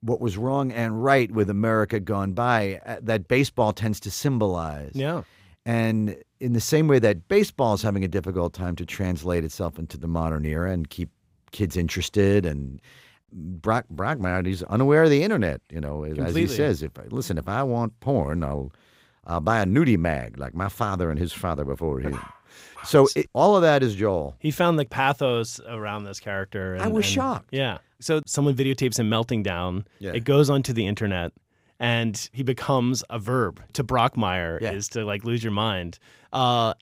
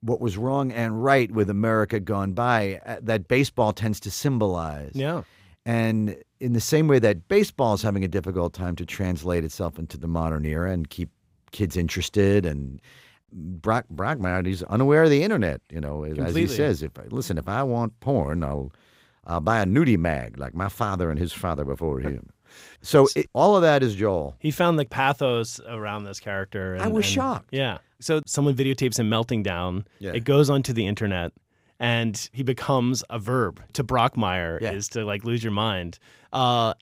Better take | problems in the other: second | dog barking; faint; at 22 s; peak 15 dB below the speech

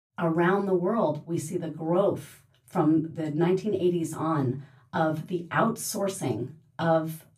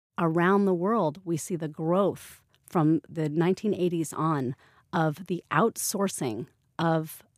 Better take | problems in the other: second | off-mic speech; far // room echo; very slight; dies away in 0.2 s

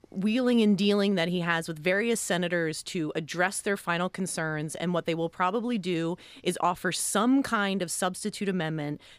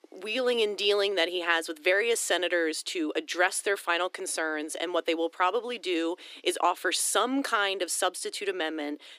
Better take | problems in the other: first | thin; somewhat; fading below 300 Hz

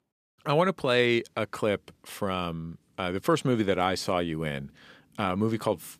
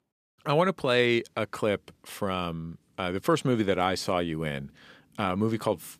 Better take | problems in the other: neither | none

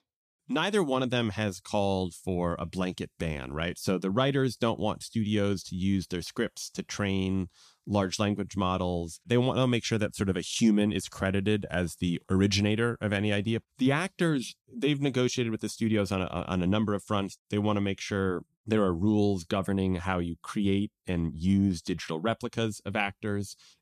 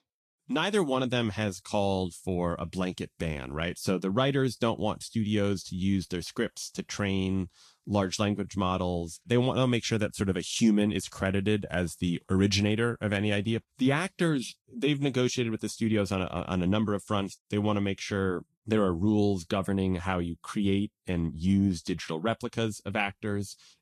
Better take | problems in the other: first | garbled, watery; slightly; nothing above 12.5 kHz

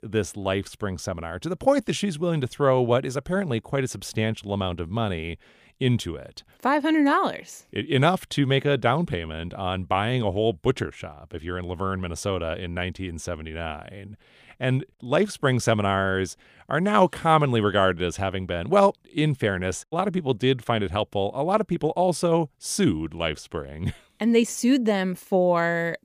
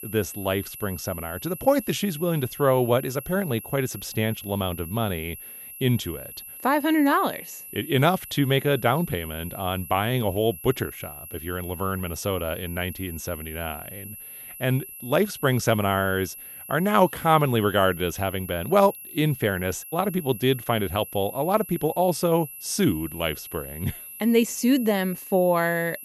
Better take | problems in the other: first | high-pitched whine; noticeable; throughout; 12 kHz, 15 dB below the speech

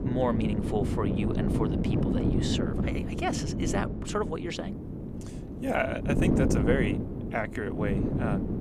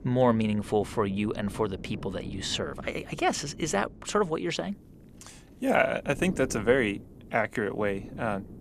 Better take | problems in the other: second | wind noise on the microphone; heavy; 3 dB below the speech; occasional gusts in the second

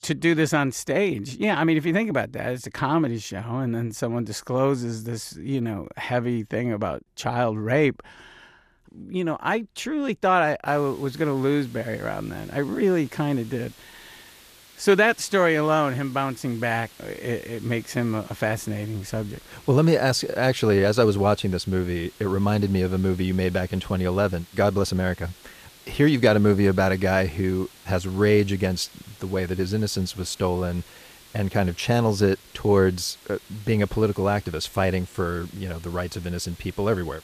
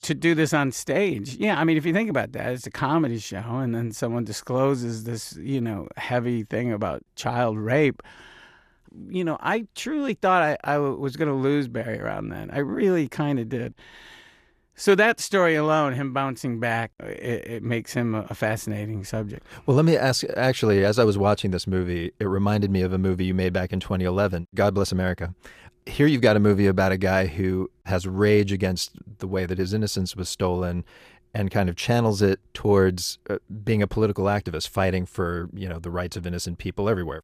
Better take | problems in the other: second | hiss; faint; from 11 s on; 25 dB below the speech

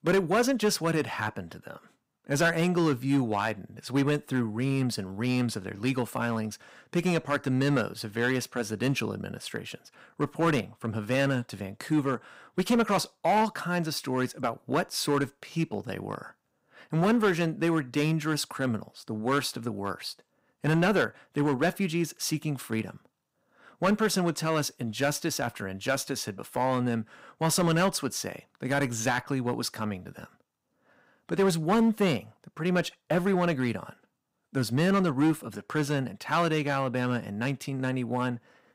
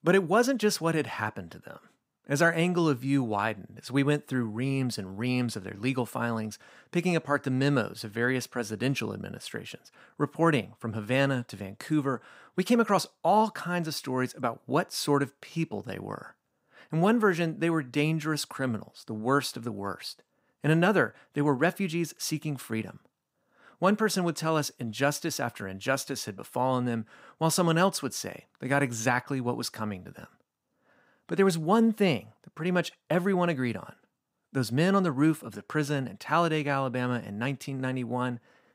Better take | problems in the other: second | distortion; slight; 4% of the sound clipped

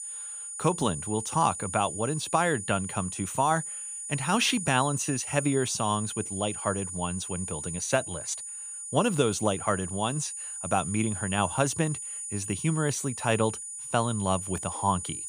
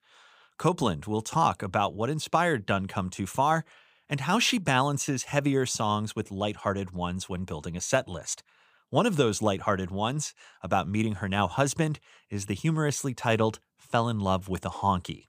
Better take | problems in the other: second | high-pitched whine; loud; throughout; 9.5 kHz, 6 dB below the speech

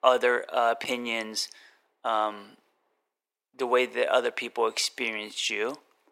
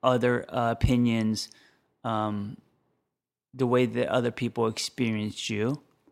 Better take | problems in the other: second | thin; very; fading below 450 Hz

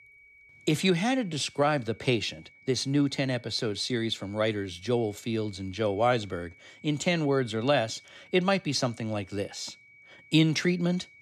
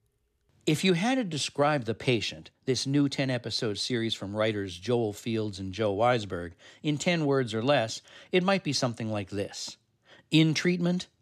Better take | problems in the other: second | high-pitched whine; faint; throughout; 2.5 kHz, 25 dB below the speech

